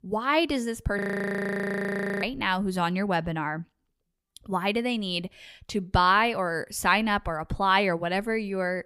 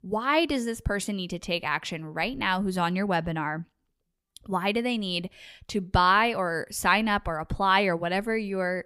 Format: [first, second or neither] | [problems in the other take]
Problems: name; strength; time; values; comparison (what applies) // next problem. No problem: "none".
second | audio freezing; at 1 s for 1 s